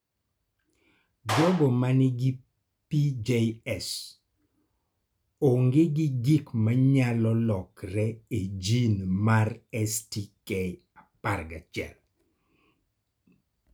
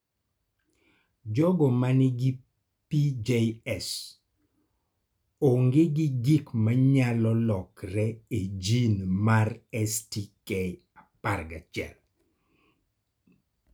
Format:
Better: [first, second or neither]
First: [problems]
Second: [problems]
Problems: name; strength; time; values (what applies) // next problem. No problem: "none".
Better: second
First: background sound (Clapping); 9 dB below the speech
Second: none